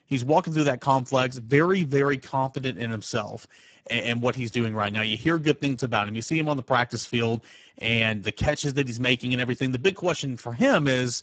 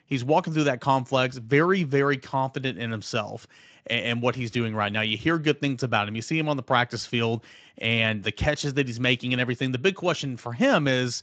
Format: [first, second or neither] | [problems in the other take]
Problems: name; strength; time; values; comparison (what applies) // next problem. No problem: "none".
second | garbled, watery; badly; nothing above 7.5 kHz; slightly in the second